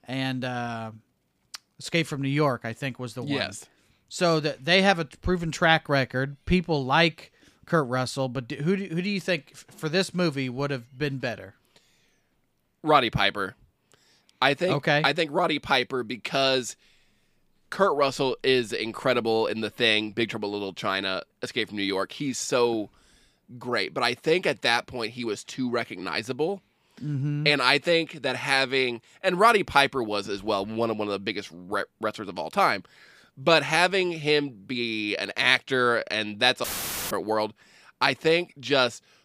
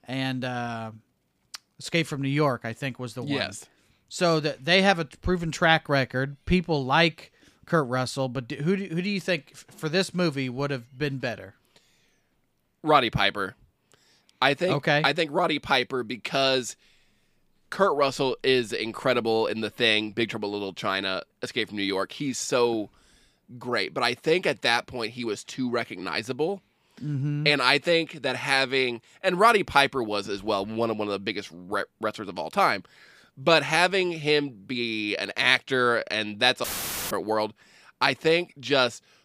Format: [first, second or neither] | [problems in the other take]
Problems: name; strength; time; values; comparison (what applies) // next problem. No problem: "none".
neither | audio cutting out; filled with static; at 37 s; the same in both